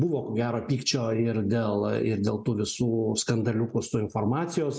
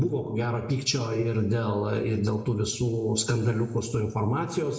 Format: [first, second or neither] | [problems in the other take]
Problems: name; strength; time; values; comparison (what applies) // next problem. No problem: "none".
first | room echo; dies away in 0.7 s